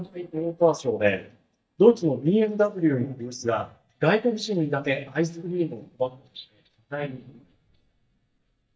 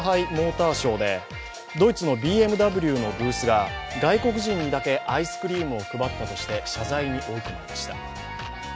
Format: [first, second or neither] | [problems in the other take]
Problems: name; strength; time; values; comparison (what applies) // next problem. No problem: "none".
second | noise reduction (neural mask model DeepFilterNet 3)